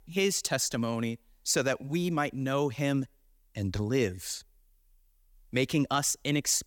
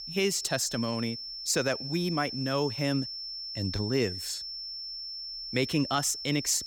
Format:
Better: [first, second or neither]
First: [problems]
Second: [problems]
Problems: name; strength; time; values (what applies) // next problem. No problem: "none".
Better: first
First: none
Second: high-pitched whine; loud; throughout; 5.5 kHz, 6 dB below the speech